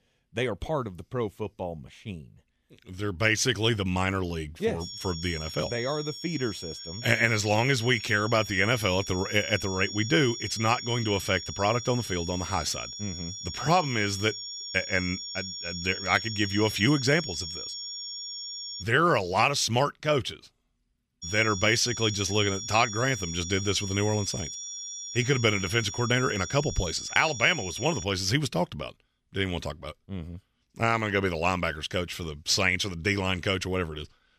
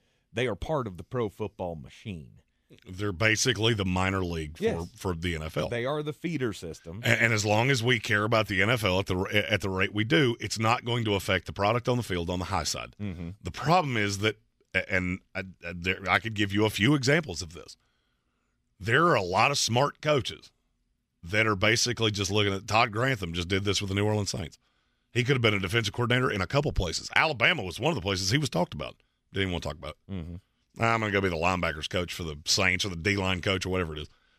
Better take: second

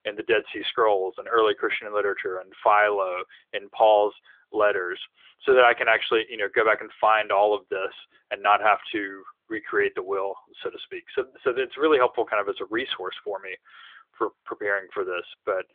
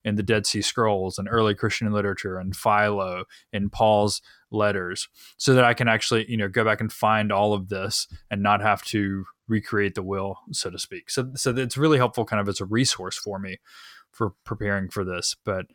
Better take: second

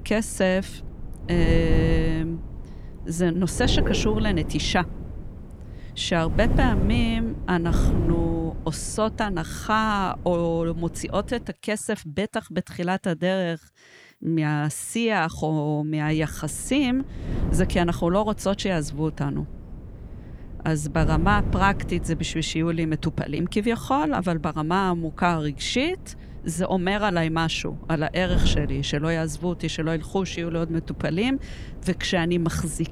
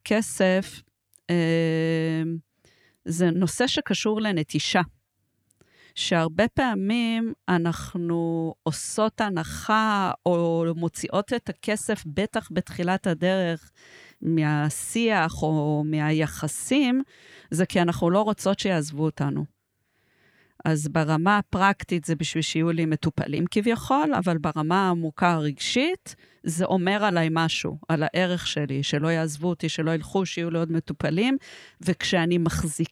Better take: second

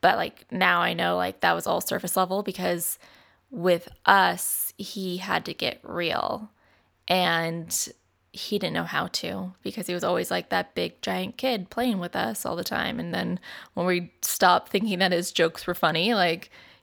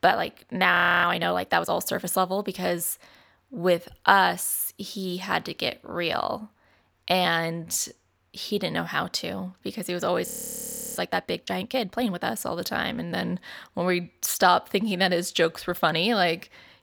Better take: first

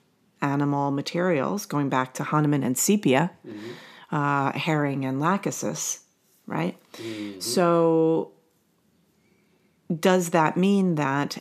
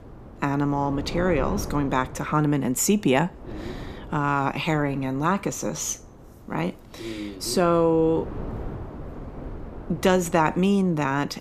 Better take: first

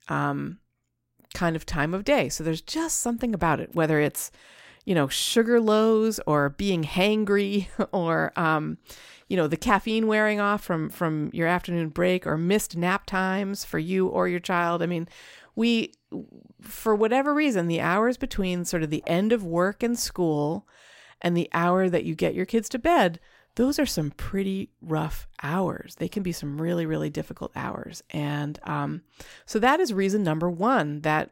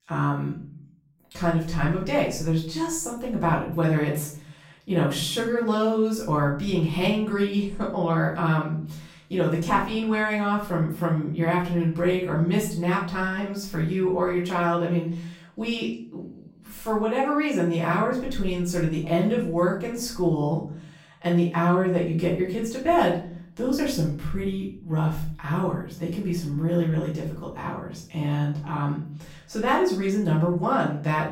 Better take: first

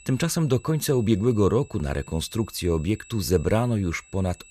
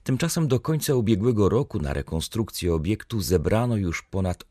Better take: second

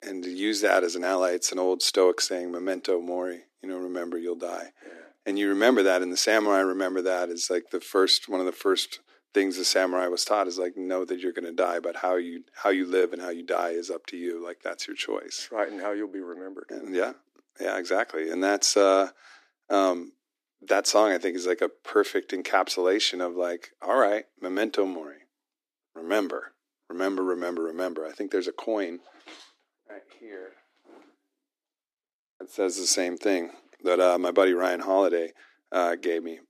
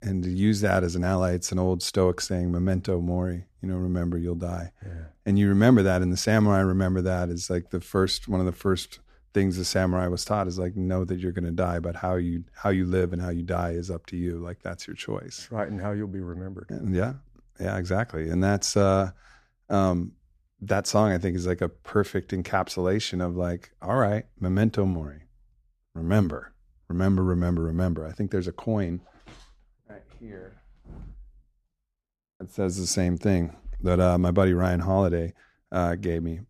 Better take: second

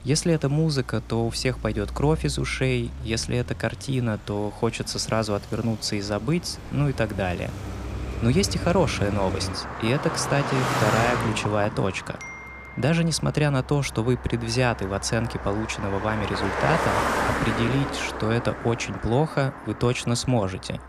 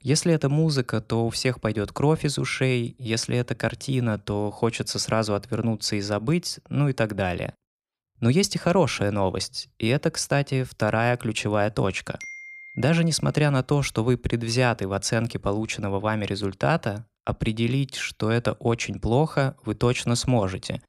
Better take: second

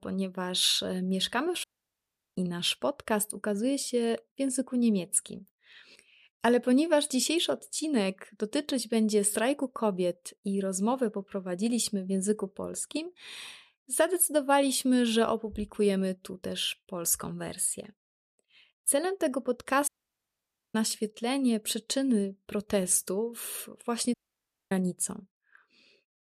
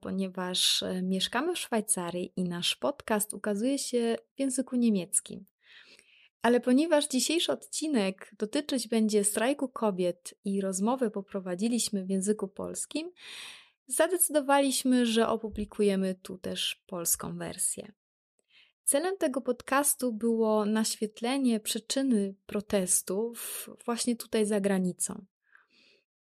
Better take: second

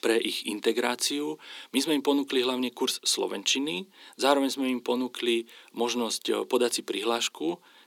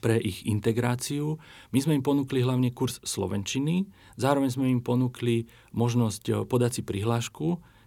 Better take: second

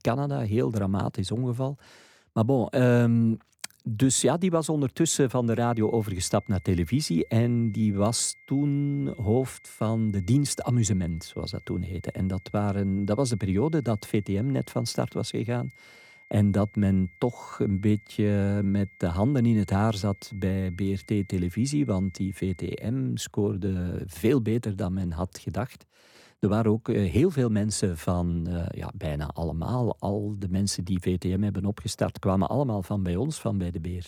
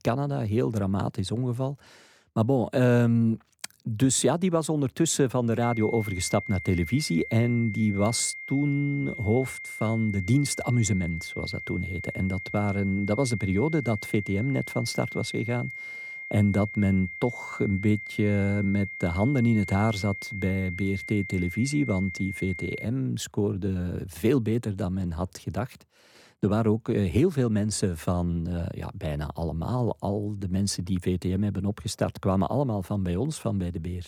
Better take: first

